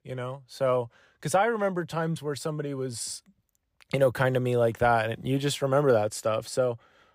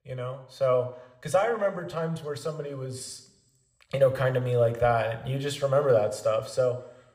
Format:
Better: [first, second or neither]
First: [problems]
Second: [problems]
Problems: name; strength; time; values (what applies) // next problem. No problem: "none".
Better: first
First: none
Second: room echo; very slight; dies away in 0.7 s